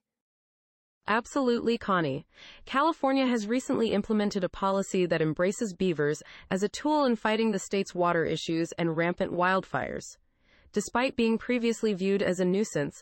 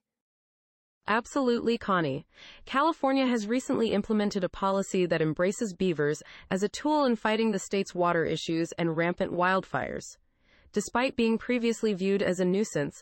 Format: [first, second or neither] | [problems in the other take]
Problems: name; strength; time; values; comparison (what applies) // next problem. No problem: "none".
neither | none